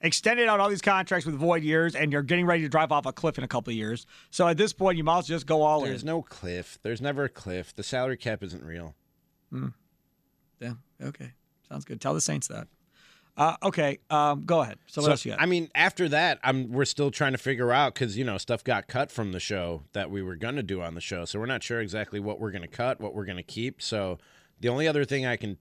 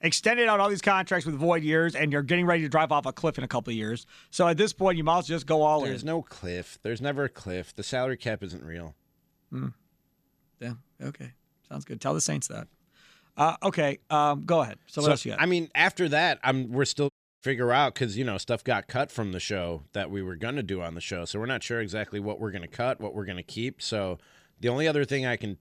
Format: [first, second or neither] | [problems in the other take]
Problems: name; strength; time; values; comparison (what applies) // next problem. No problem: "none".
first | audio cutting out; at 17 s